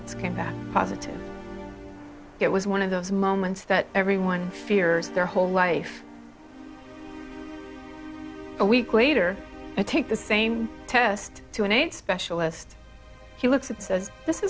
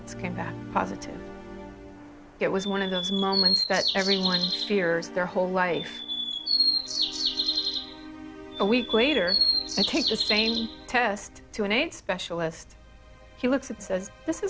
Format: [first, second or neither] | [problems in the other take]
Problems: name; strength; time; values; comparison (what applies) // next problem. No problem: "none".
first | background sound (Bird vocalization, bird call, bird song); 1 dB above the speech